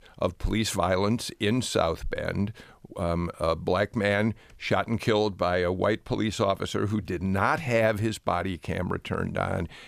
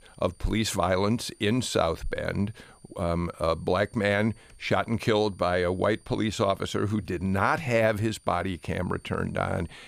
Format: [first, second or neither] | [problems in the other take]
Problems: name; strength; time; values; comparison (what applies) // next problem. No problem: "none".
first | high-pitched whine; faint; throughout; 9 kHz, 30 dB below the speech